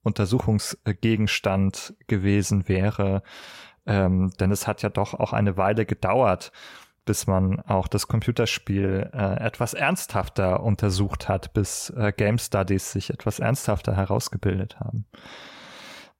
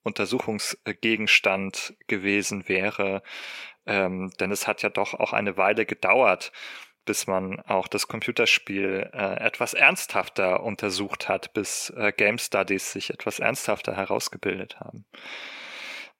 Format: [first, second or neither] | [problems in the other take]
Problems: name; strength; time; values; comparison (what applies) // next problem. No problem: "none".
first | thin; somewhat; fading below 350 Hz